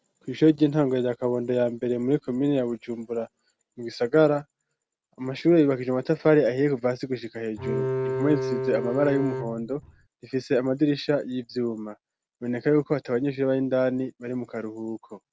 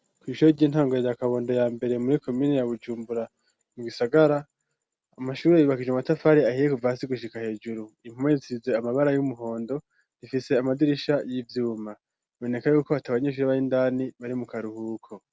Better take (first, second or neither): second